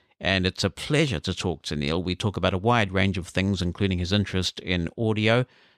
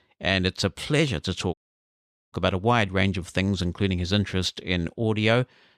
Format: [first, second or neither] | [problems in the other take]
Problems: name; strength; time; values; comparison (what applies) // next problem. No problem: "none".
first | audio cutting out; at 1.5 s for 1 s